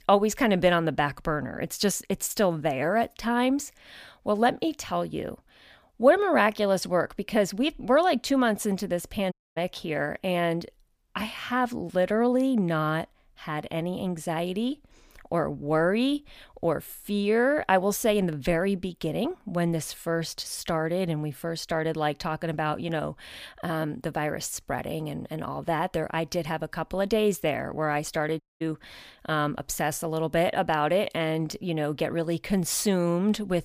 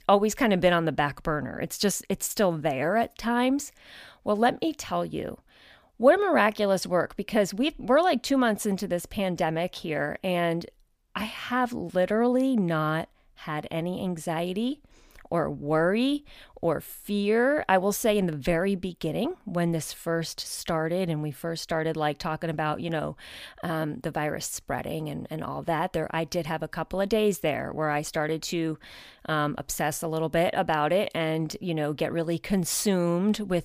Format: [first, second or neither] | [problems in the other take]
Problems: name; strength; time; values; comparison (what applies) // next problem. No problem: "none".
second | audio cutting out; at 9.5 s and at 28 s